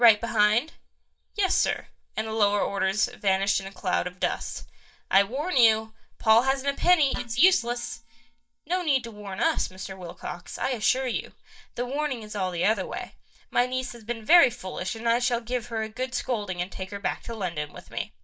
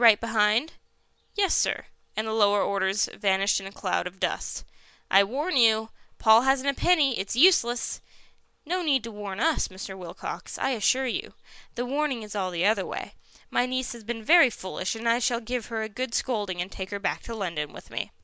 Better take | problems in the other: second | noise reduction (neural mask model DeepFilterNet 3)

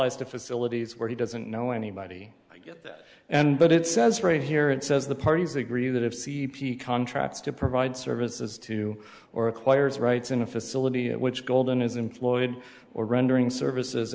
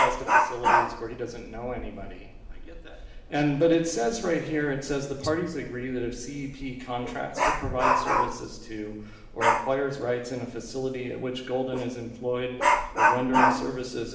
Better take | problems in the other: first | background sound (Dog); 1 dB above the speech // room echo; dies away in 1 s

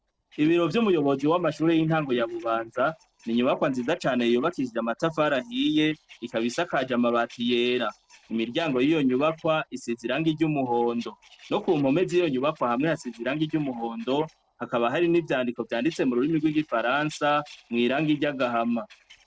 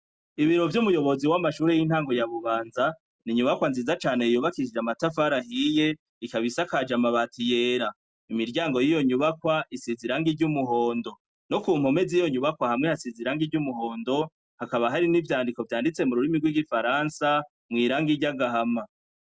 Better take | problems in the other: second | noise reduction (neural separator model SepFormer DNS4)

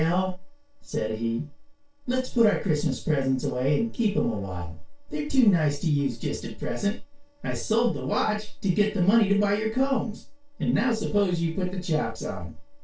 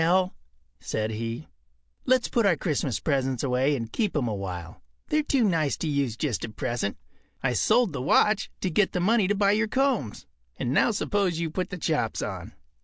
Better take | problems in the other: second | noise reduction (neural separator model SepFormer DNS4)

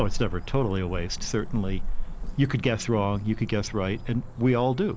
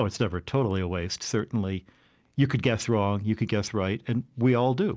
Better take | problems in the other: second | background sound (Cricket / Motor vehicle (road)); 4 dB below the speech

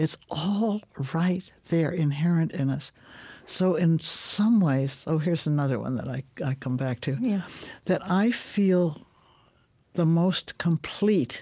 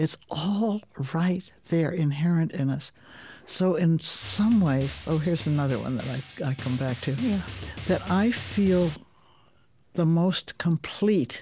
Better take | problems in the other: first | background sound (Drum); 17 dB below the speech

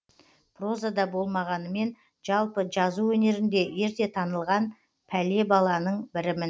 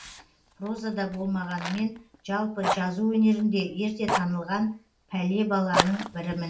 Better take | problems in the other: first | background sound (Fire); 6 dB below the speech // room echo; dies away in 0.3 s

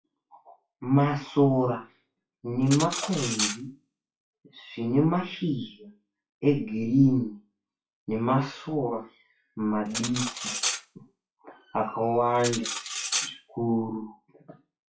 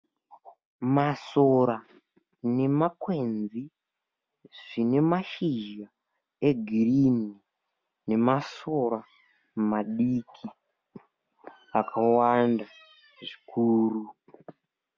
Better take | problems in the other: second | noise reduction (classical method WPE with log-MMSE)

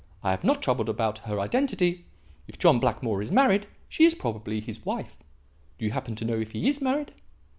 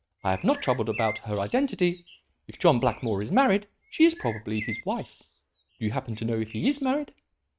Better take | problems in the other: first | noise reduction (neural mask model RNNoise)

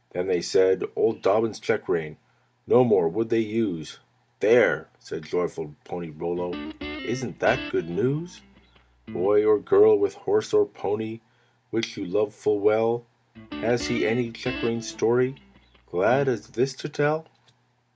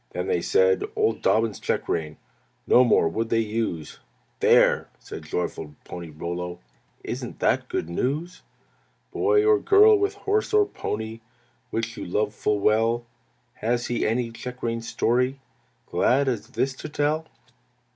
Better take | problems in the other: second | background sound (Guitar); 14 dB below the speech

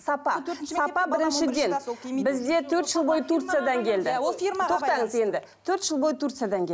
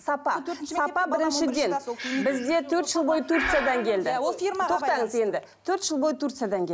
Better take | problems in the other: first | background sound (Breathing); 13 dB below the speech

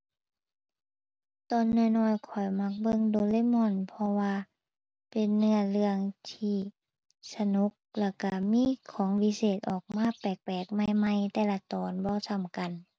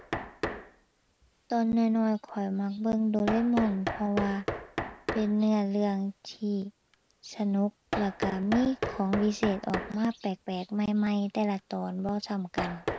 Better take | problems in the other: first | background sound (Knock); 9 dB below the speech

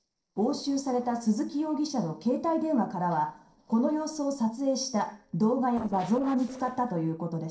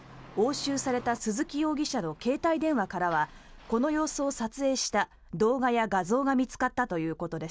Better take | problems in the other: second | noise reduction (neural separator model SepFormer DNS4)

